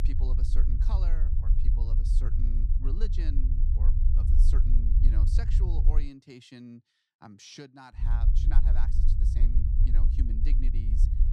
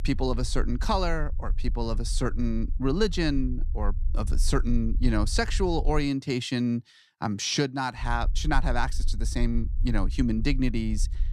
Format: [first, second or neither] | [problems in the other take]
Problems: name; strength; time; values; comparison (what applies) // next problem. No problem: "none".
second | low rumble; loud; until 6 s and from 8 s on; as loud as the speech; faint in the second